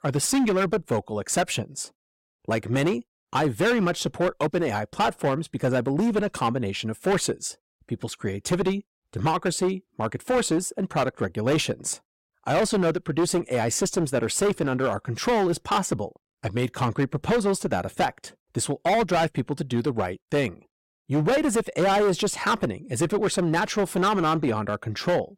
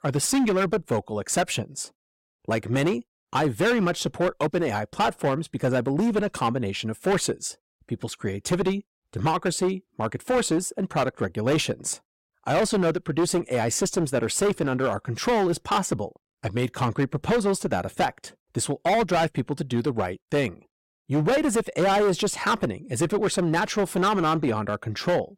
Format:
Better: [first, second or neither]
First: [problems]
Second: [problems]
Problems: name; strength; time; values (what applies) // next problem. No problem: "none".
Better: neither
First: distortion; heavy; 12% of the sound clipped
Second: distortion; heavy; 12% of the sound clipped